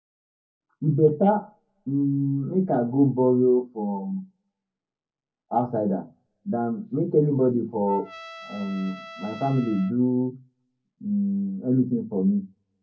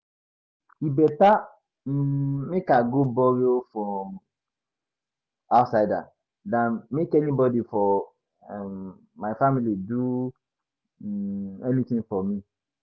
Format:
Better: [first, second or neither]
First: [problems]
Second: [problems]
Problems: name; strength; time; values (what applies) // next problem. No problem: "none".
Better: second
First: background sound (Trumpet); 19 dB below the speech // room echo; dies away in 0.3 s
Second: none